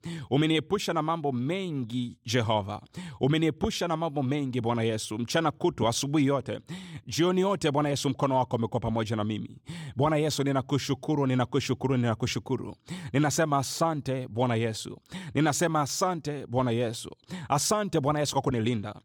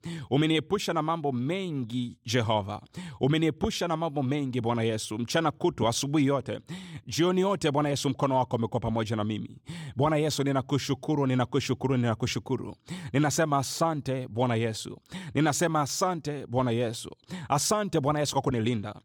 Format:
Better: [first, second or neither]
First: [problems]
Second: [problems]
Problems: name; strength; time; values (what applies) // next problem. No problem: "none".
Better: neither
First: none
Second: none